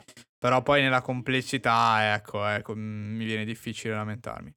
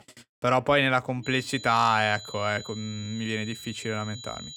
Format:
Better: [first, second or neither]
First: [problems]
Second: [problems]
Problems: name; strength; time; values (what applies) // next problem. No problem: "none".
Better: first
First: none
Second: high-pitched whine; noticeable; from 1 s on; 4 kHz, 15 dB below the speech